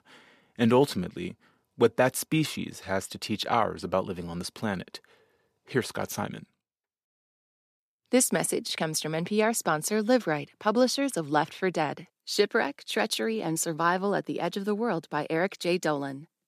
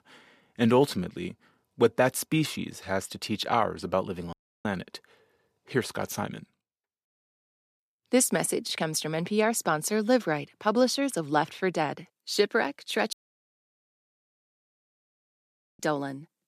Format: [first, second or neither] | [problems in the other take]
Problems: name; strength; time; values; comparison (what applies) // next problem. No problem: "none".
first | audio cutting out; at 4.5 s and at 13 s for 2.5 s